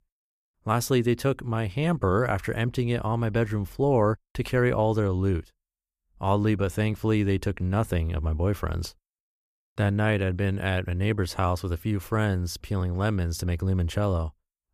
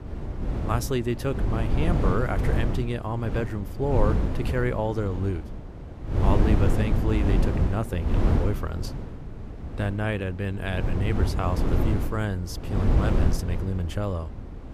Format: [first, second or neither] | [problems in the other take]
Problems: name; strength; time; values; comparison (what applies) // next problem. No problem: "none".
first | wind noise on the microphone; heavy; 4 dB below the speech